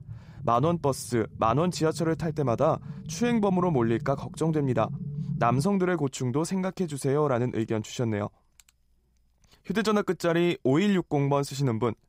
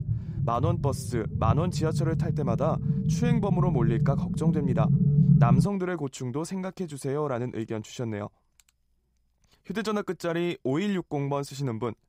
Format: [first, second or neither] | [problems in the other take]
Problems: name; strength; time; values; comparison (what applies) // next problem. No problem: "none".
first | low rumble; loud; until 5.5 s; 4 dB below the speech; faint in the first